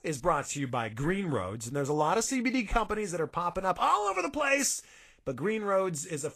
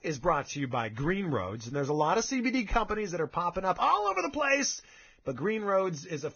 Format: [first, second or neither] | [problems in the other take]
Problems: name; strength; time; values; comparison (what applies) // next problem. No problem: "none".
first | garbled, watery; badly; nothing above 6.5 kHz; slightly in the first